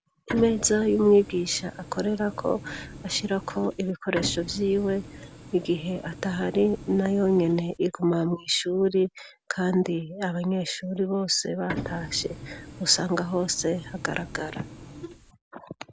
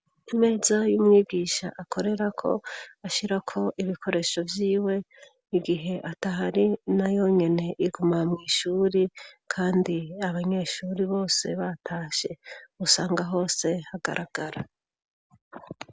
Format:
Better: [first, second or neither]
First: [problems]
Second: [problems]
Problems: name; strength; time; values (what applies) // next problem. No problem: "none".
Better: second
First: background sound (Printer); 13 dB below the speech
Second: none